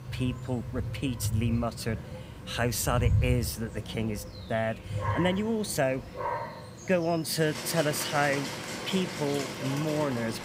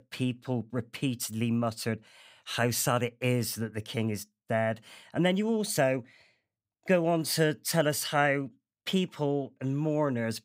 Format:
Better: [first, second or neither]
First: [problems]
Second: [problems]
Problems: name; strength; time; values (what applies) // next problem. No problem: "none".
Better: second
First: animal sounds; loud; throughout; 5 dB below the speech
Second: none